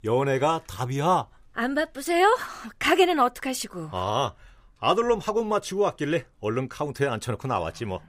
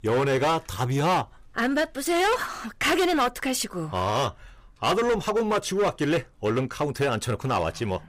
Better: first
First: none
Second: distortion; heavy; 14% of the sound clipped

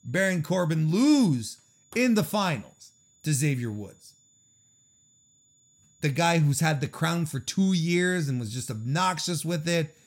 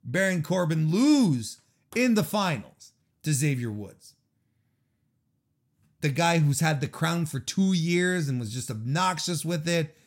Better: second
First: high-pitched whine; faint; throughout; 7 kHz, 35 dB below the speech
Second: none

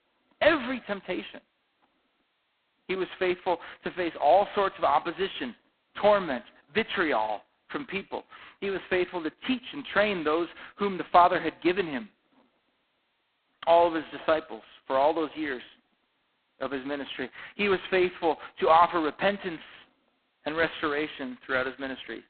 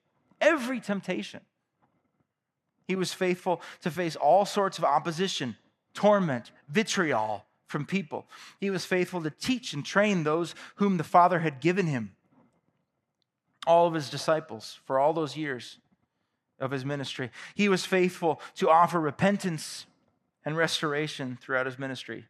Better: second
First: phone-call audio; poor line; nothing above 4 kHz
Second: none

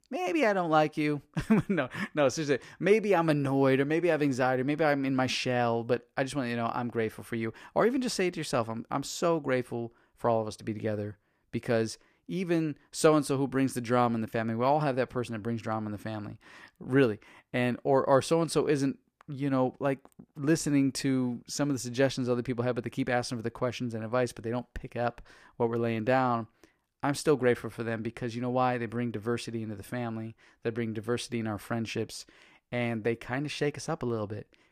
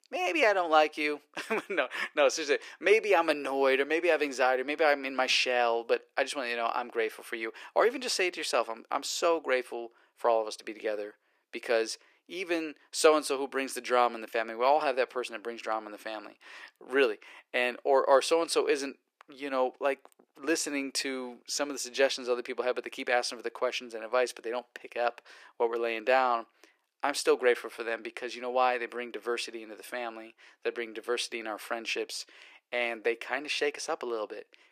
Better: first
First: none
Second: thin; somewhat; fading below 400 Hz

